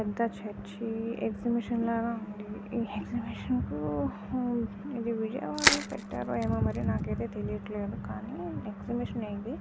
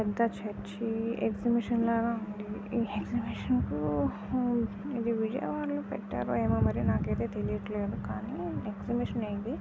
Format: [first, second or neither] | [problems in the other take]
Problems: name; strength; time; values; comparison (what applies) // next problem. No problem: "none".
second | background sound (Crushing); 1 dB above the speech